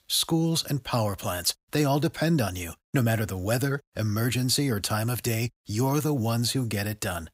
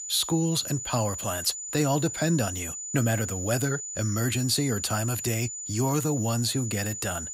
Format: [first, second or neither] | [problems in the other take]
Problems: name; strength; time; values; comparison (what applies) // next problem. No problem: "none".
first | high-pitched whine; loud; throughout; 7 kHz, 6 dB below the speech